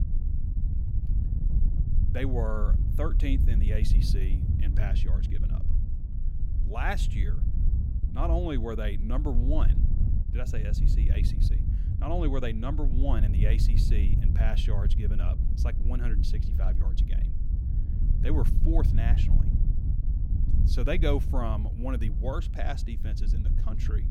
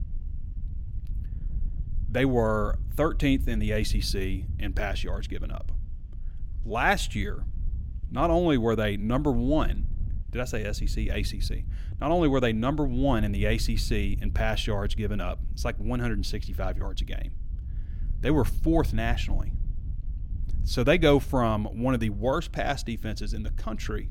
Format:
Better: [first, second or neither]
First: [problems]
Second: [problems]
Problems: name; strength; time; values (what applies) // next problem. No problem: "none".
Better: second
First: wind noise on the microphone; heavy; 8 dB below the speech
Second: wind noise on the microphone; occasional gusts; 25 dB below the speech